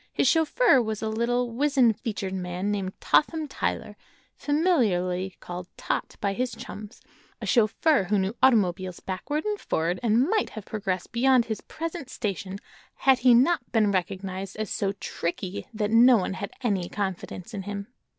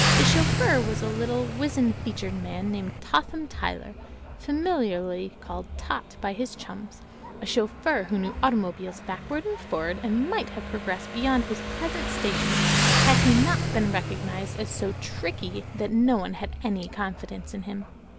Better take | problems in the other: first | background sound (Motorcycle); 1 dB below the speech

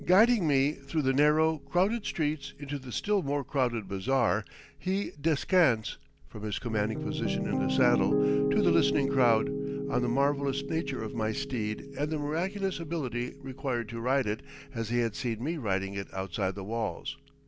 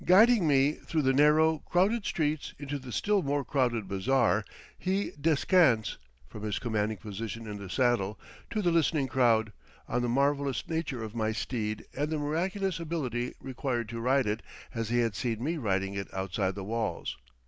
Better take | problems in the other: second | background sound (Piano); 6 dB below the speech

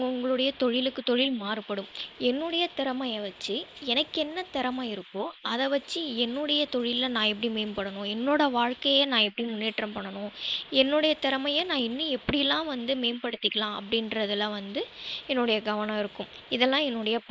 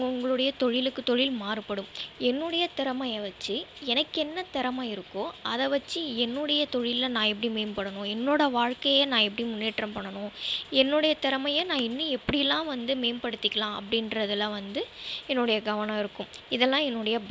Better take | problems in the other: second | noise reduction (neural mask model Resemble Enhance denoiser)

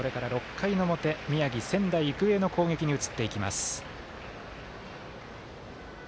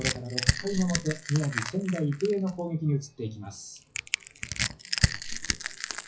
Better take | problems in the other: first | noise reduction (classical method WPE with log-MMSE)

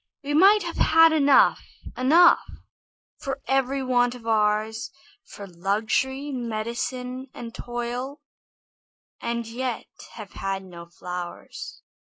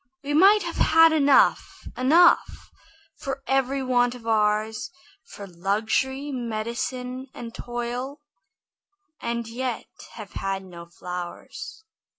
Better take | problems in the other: second | noise reduction (neural mask model Resemble Enhance denoiser)

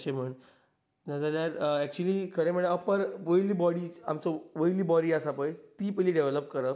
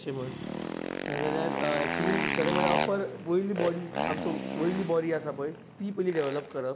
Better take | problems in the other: first | background sound (Motorcycle); 2 dB below the speech

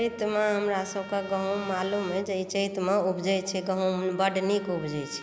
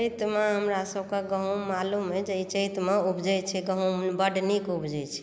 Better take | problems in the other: second | background sound (Trumpet); 18 dB below the speech

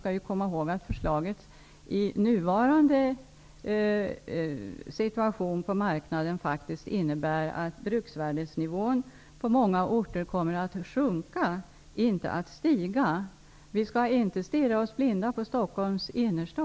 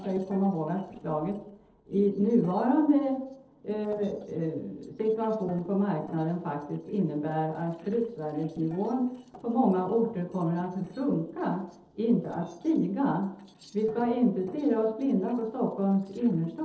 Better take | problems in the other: first | noise reduction (neural separator model SepFormer DNS4)

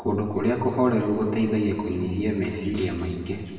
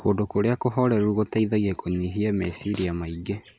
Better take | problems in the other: second | room echo; dies away in 2.2 s

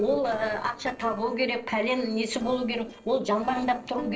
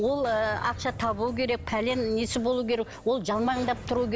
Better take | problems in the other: second | noise reduction (neural separator model SepFormer DNS4)

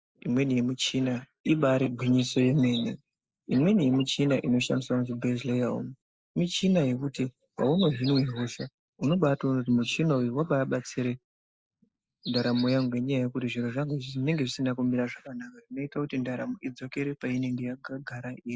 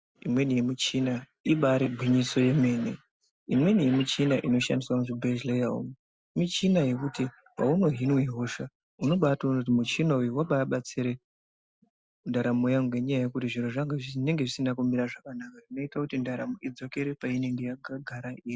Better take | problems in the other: second | noise reduction (neural mask model Resemble Enhance denoiser)

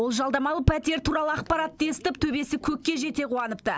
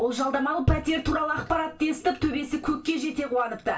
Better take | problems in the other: first | room echo; dies away in 0.3 s

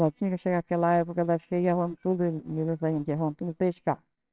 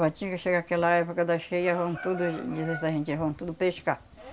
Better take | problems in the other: second | noise reduction (neural separator model SepFormer WHAMR!)

